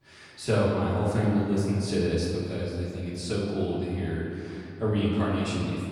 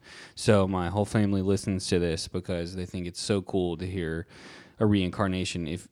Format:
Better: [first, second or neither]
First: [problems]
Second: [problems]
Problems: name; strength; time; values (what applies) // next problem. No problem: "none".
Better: second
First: room echo; noticeable; dies away in 2.5 s // off-mic speech; far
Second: none